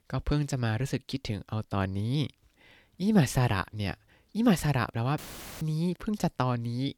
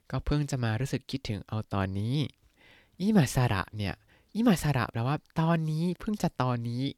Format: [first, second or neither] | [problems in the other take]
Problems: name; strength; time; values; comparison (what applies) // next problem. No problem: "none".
second | audio cutting out; filled with static; at 5 s